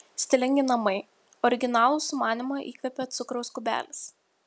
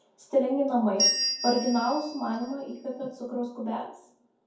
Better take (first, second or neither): first